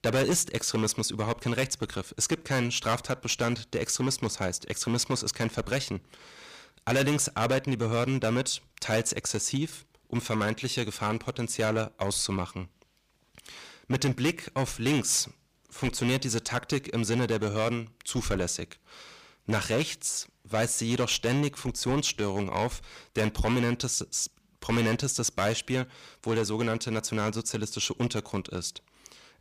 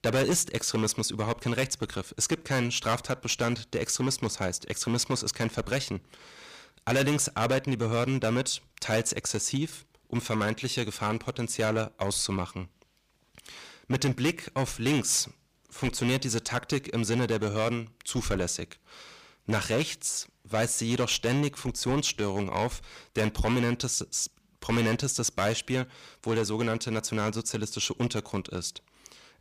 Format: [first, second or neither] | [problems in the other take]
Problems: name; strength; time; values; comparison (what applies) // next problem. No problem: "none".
neither | distortion; heavy; 7% of the sound clipped; the same in both